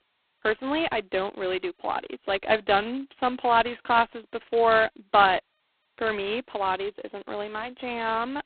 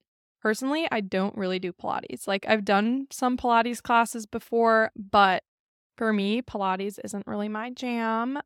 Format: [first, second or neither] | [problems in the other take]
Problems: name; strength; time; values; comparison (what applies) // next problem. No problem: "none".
second | phone-call audio; poor line; nothing above 4 kHz